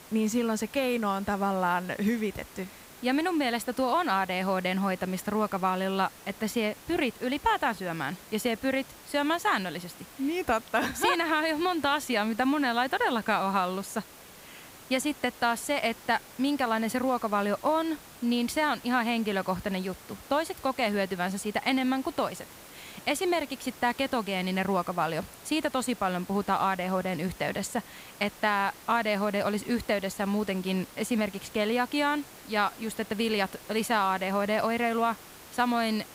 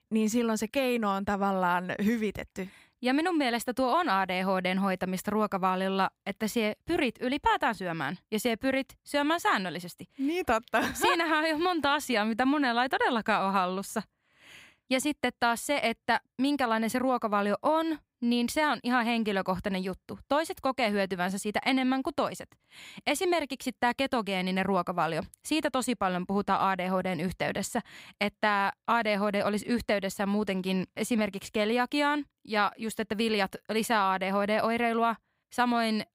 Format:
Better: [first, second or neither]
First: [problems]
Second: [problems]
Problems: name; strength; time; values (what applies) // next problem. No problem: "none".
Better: second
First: hiss; noticeable; throughout; 20 dB below the speech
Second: none